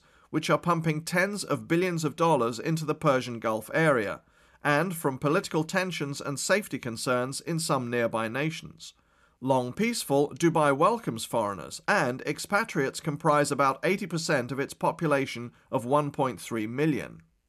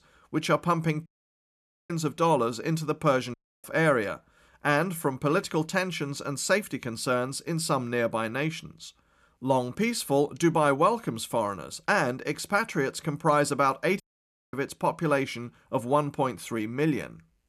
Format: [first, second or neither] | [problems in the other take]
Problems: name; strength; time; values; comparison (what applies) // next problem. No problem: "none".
first | audio cutting out; at 1 s for 1 s, at 3.5 s and at 14 s for 0.5 s